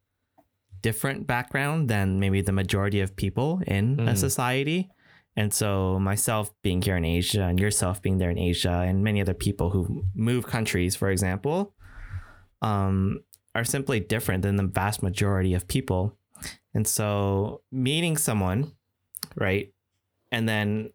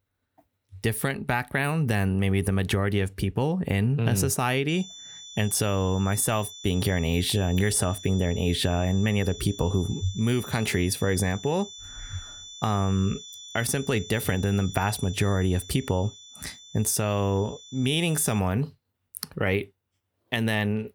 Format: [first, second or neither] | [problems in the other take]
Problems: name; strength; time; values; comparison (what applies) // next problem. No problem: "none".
first | high-pitched whine; noticeable; from 4.5 to 18 s; 3.5 kHz, 15 dB below the speech